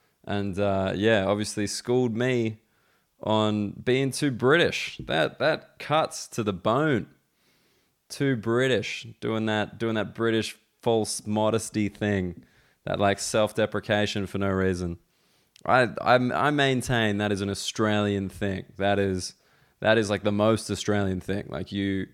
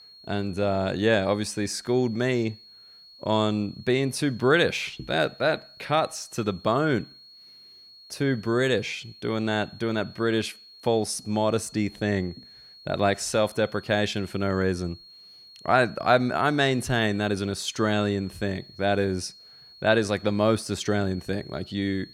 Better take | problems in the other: first | high-pitched whine; faint; throughout; 4.5 kHz, 20 dB below the speech

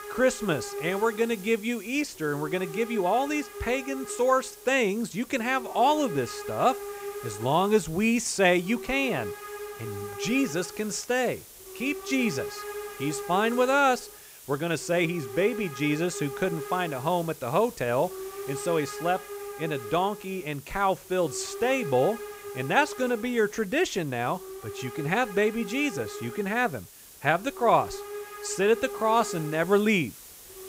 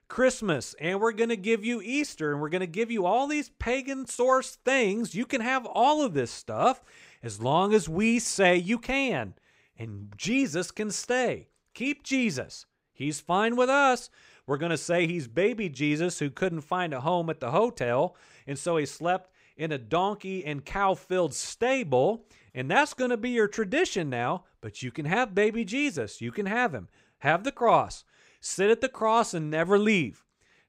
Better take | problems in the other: second | hiss; noticeable; throughout; 10 dB below the speech

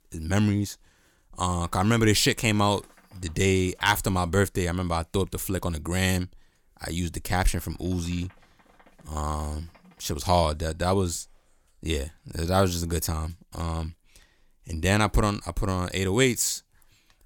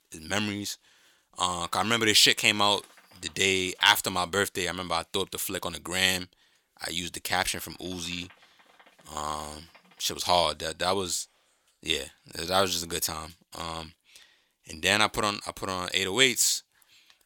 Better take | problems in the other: first | thin; somewhat; fading below 600 Hz

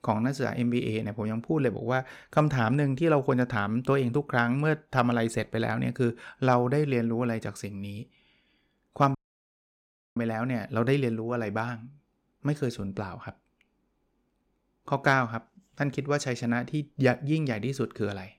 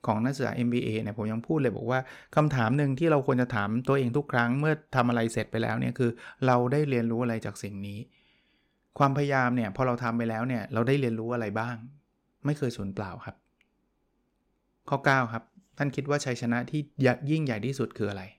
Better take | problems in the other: second | audio cutting out; at 9 s for 1 s

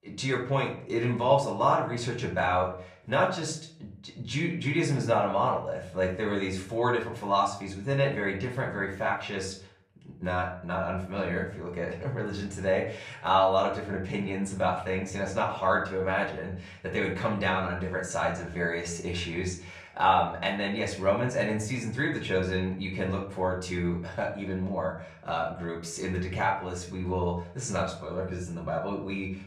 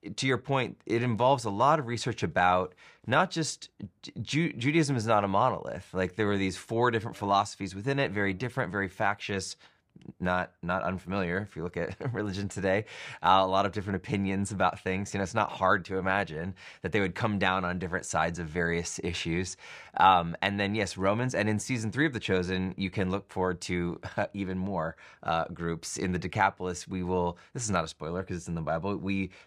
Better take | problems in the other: second | off-mic speech; far // room echo; slight; dies away in 0.4 s

